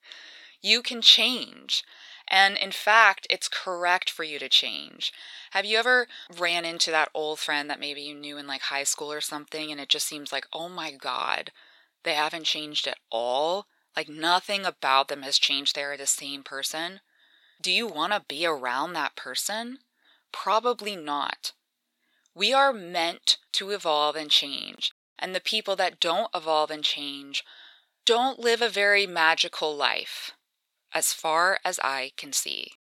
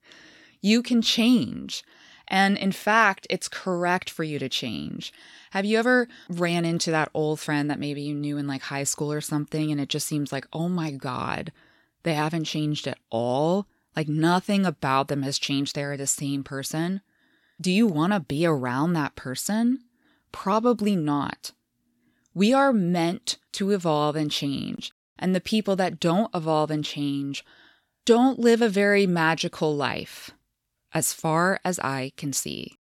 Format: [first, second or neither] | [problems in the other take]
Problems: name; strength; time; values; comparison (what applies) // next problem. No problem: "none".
second | thin; very; fading below 700 Hz